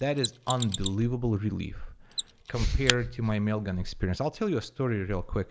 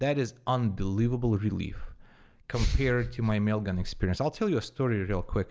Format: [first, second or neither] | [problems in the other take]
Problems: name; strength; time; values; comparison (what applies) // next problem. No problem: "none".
second | background sound (Mechanisms); 9 dB below the speech